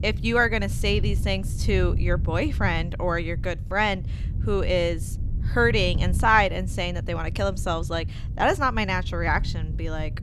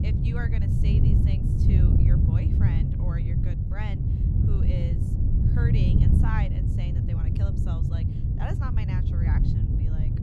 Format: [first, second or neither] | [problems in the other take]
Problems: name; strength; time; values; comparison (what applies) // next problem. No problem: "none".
first | wind noise on the microphone; heavy; 4 dB above the speech; occasional gusts in the first